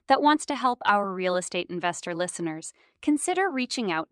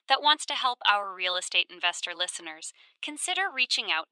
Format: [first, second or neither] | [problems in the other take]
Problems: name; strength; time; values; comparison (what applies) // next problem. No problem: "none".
first | thin; very; fading below 850 Hz